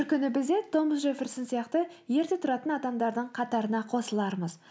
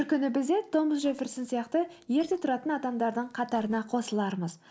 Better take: first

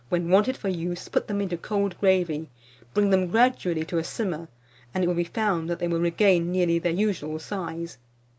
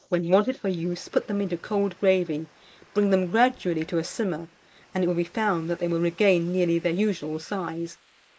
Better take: first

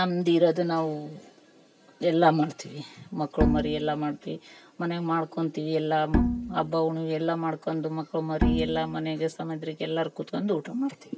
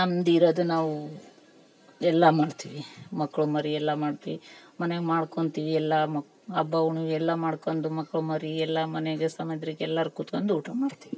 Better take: second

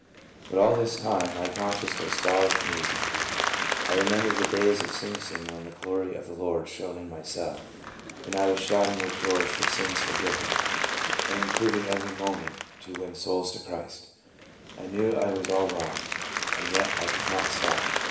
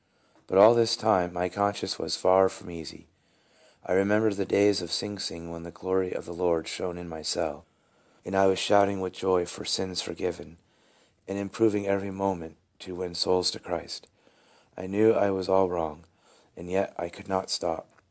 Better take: second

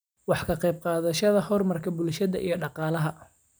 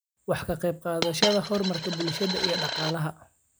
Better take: first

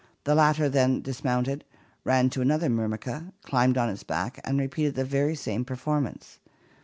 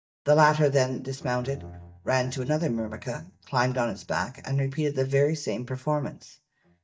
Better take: first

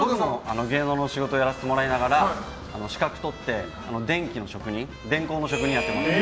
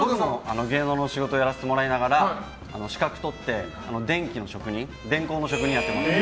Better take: second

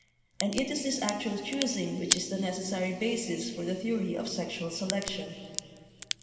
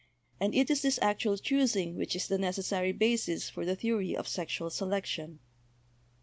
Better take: second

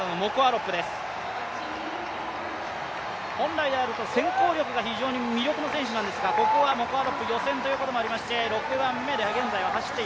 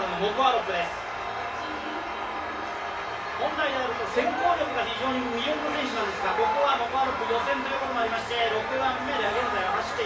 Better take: first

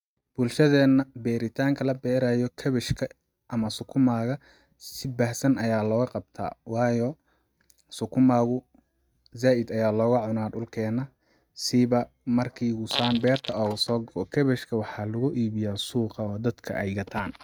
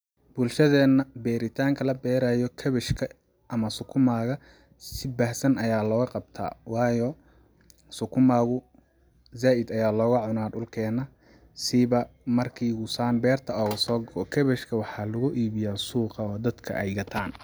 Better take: second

